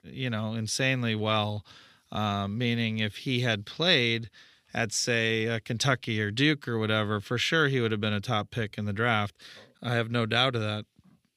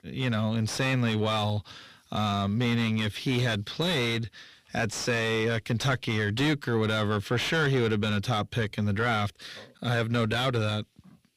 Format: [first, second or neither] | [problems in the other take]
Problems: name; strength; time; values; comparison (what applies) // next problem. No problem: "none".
first | distortion; heavy; 6 dB below the speech